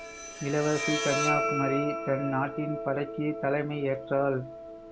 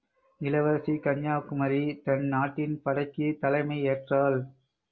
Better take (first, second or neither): second